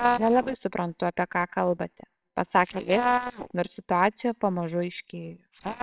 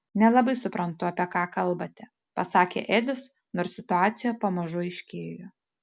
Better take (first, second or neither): second